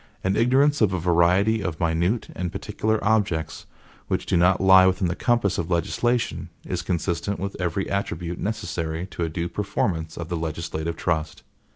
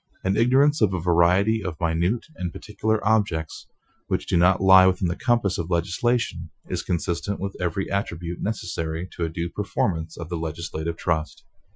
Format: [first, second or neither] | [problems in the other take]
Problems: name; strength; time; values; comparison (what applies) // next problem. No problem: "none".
first | noise reduction (classical method Wiener filter)